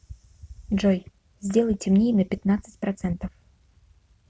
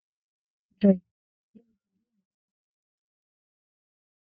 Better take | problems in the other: first | noise reduction (neural mask model DeepFilterNet 3)

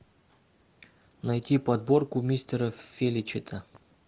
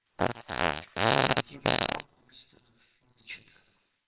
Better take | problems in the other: first | noise reduction (neural separator model SepFormer WHAMR!)

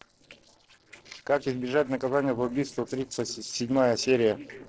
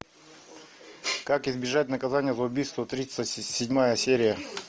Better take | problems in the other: second | noise reduction (neural separator model SepFormer DNS4)

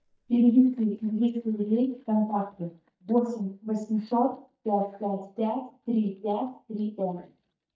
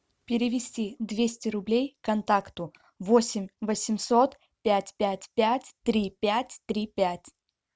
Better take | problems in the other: second | noise reduction (neural mask model DeepFilterNet 3)

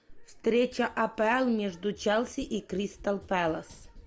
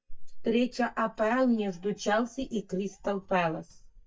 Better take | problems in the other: first | noise reduction (neural mask model DeepFilterNet 3)

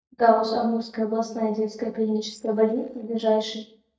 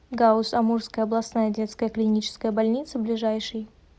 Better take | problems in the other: second | noise reduction (neural mask model DeepFilterNet 3)

